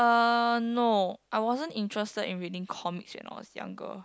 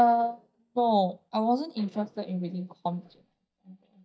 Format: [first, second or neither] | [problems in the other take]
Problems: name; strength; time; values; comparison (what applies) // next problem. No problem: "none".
first | noise reduction (neural mask model DeepFilterNet 3)